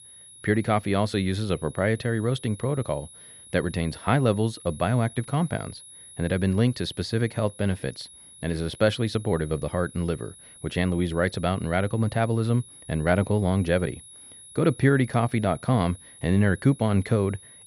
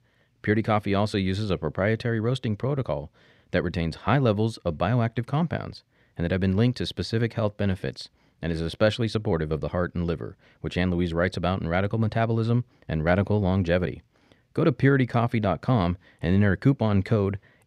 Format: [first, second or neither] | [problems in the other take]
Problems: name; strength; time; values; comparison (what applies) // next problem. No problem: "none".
second | high-pitched whine; noticeable; throughout; 10.5 kHz, 20 dB below the speech